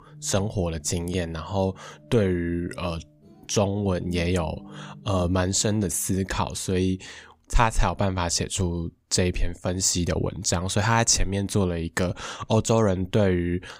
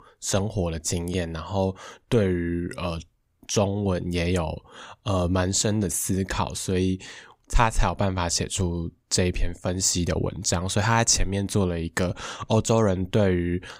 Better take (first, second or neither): second